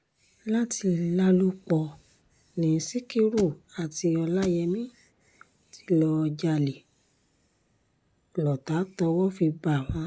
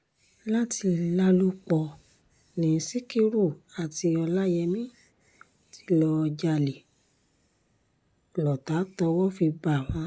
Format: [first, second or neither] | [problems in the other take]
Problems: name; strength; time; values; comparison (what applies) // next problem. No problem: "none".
second | background sound (Thump, thud); 15 dB below the speech